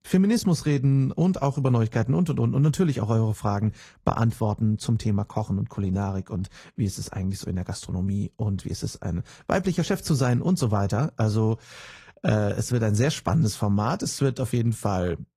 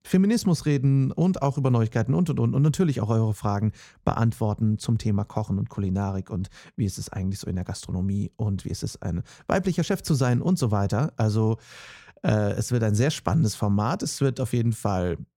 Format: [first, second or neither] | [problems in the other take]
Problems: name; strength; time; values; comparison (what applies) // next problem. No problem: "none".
second | garbled, watery; slightly; nothing above 14.5 kHz